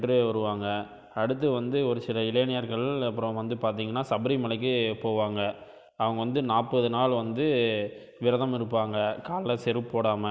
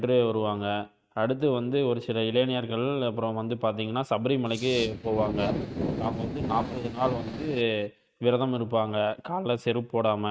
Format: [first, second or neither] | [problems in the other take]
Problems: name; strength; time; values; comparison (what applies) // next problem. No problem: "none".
first | noise reduction (neural mask model RNNoise)